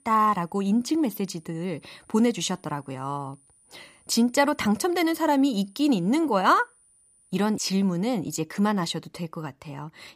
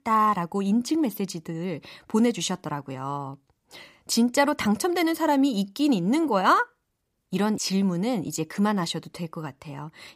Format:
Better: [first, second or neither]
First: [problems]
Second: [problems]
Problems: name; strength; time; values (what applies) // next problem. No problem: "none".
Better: second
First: high-pitched whine; faint; until 8 s; 9.5 kHz, 35 dB below the speech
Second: none